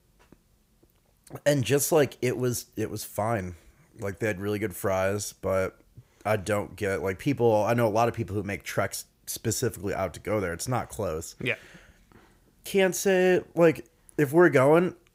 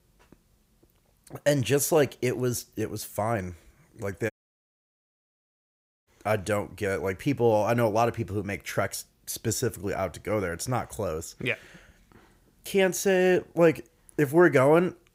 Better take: first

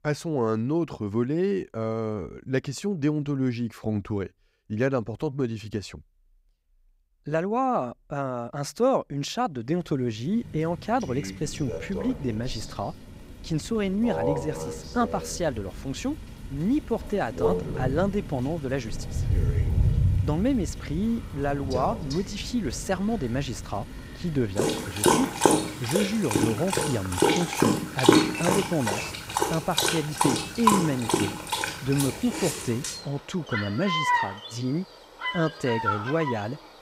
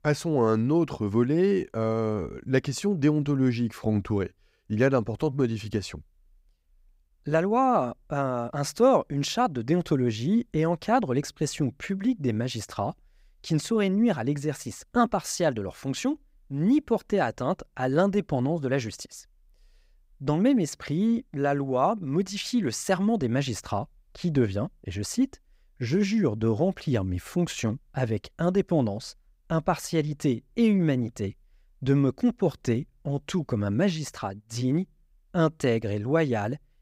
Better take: second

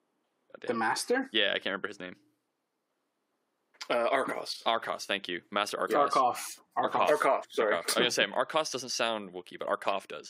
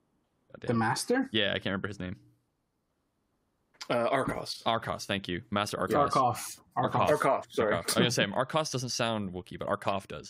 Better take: second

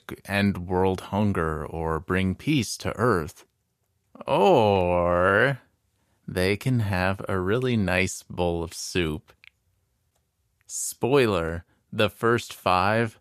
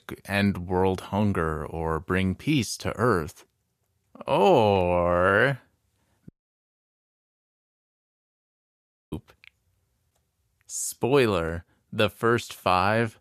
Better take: first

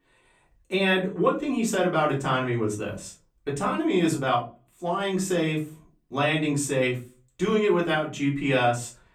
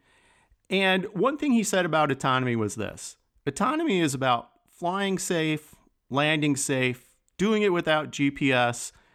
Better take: second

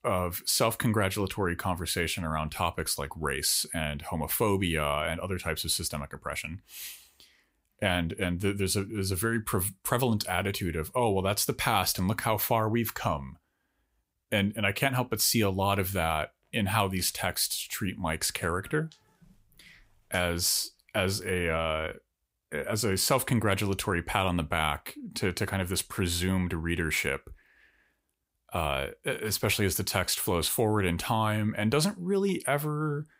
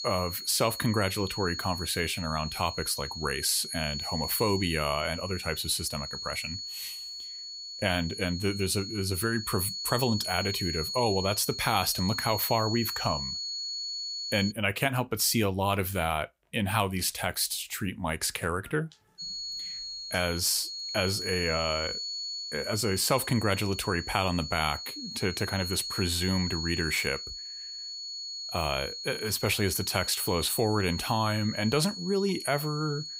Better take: first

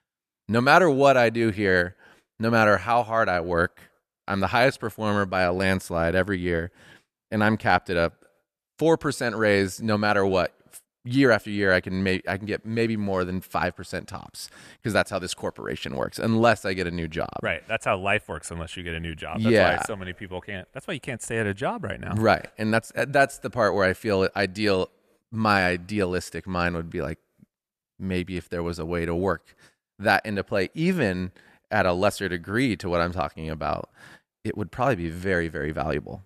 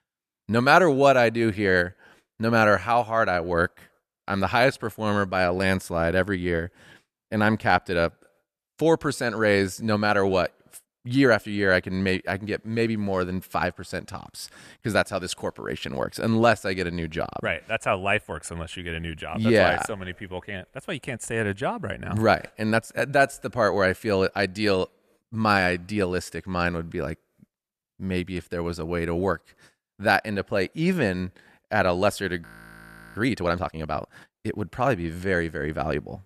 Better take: first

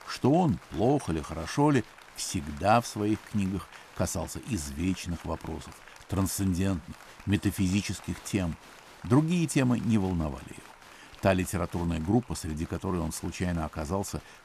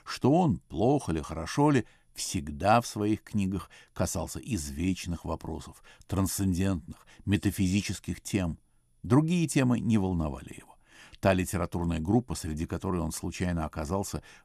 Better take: second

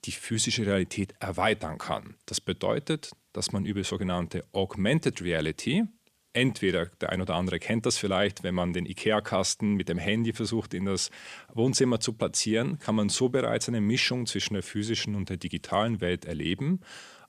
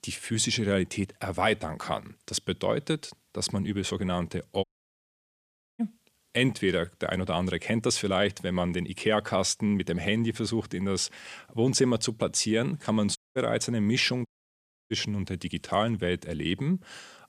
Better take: first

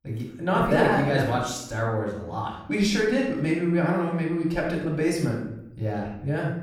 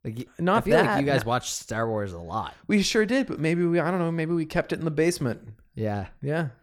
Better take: second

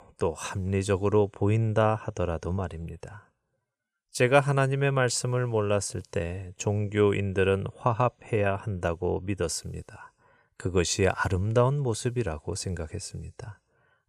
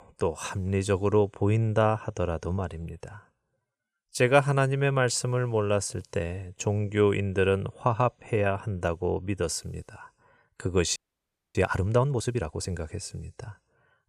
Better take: first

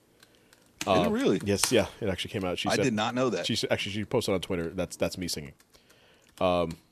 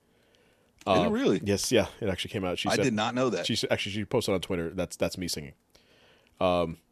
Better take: second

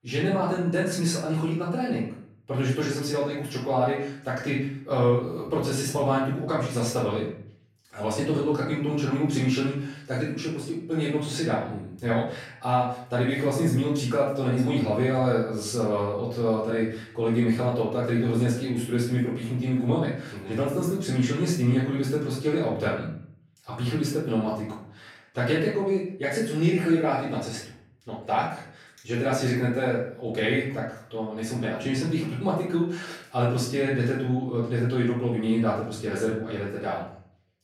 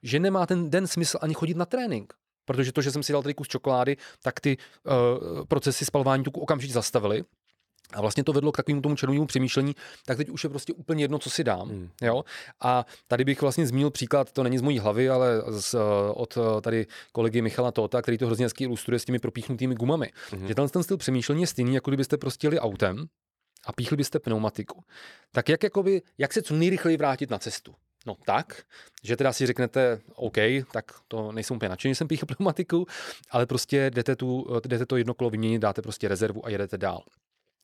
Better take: second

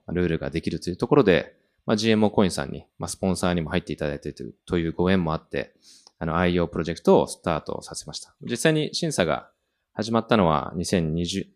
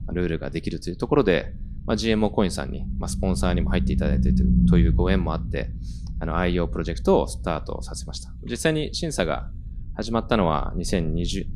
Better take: first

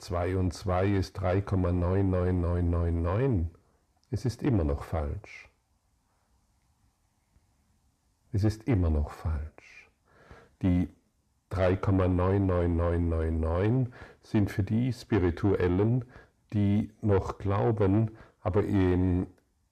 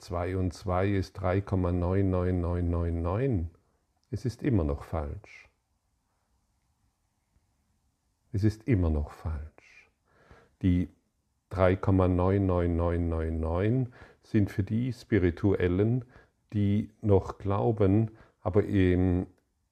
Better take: second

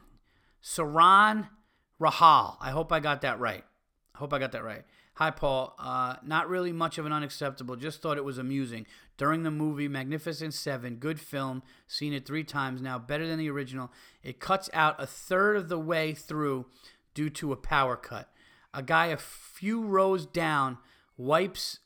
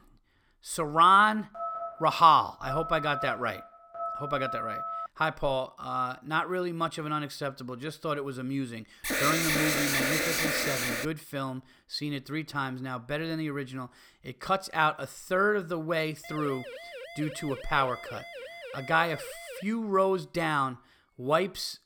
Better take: first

